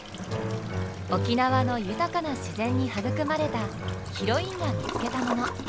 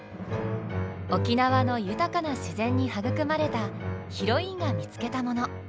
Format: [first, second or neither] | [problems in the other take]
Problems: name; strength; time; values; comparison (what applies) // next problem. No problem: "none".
second | background sound (Toilet flush); 10 dB below the speech